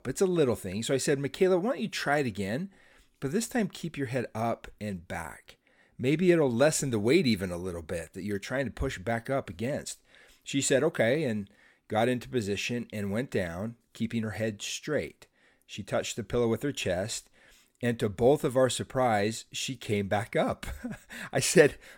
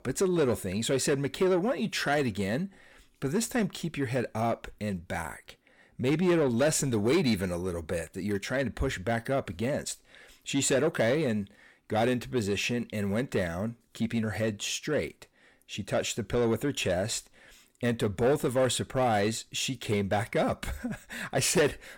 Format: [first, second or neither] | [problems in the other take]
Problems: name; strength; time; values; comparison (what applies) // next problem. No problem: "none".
first | distortion; slight; 10 dB below the speech